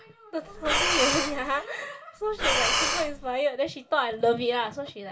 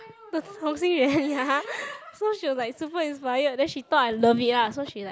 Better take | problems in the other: second | background sound (Breathing); 2 dB above the speech // room echo; dies away in 0.2 s

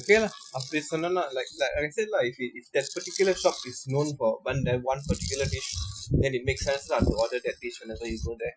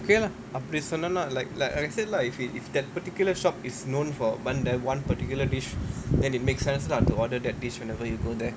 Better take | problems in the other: second | noise reduction (classical method Wiener filter)

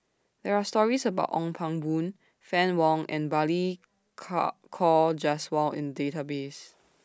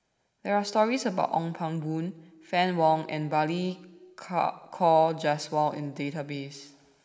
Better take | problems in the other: first | room echo; dies away in 1.1 s

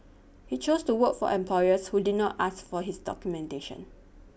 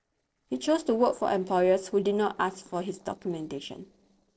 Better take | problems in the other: first | noise reduction (neural separator model SepFormer DNS4)

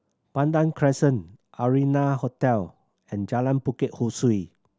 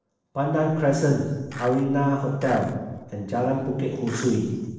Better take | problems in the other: first | noise reduction (neural separator model SepFormer DNS4)

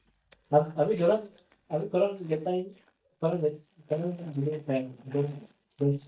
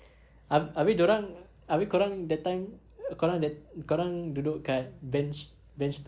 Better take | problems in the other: second | noise reduction (neural mask model DeepFilterNet 3)

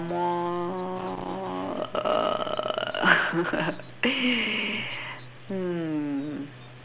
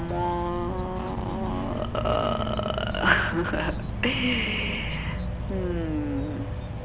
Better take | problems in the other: first | background sound (Insect / Frog); 3 dB below the speech

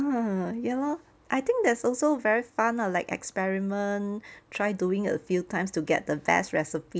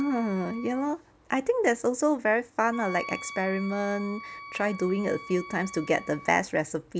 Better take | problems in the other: first | background sound (Wind instrument, woodwind instrument); 16 dB below the speech

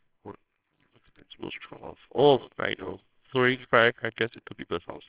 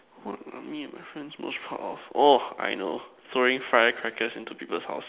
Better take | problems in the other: second | noise reduction (neural separator model SepFormer WHAMR!)

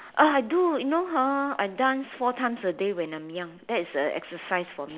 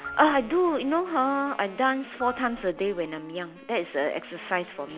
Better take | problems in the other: first | background sound (Wind instrument, woodwind instrument + Marimba, xylophone); 18 dB below the speech

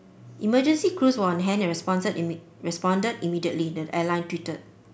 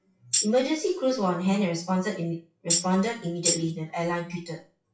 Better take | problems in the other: first | noise reduction (classical method WPE with log-MMSE)

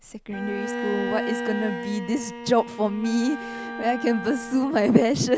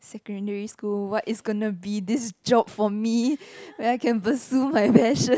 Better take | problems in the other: second | background sound (Wind instrument, woodwind instrument + Bowed string instrument); 8 dB below the speech

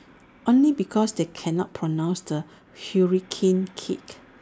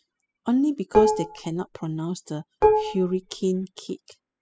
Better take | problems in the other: first | noise reduction (classical method spectral subtraction)

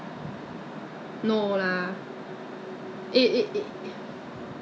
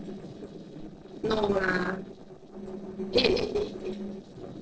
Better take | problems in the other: first | noise reduction (neural separator model SepFormer DNS4)

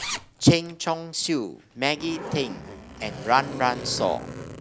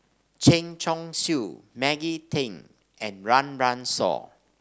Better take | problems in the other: second | background sound (Zipper (clothing)); 11 dB below the speech

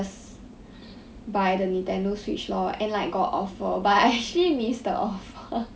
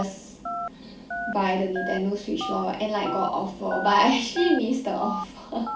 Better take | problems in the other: first | background sound (Telephone); 9 dB below the speech // room echo; dies away in 0.4 s

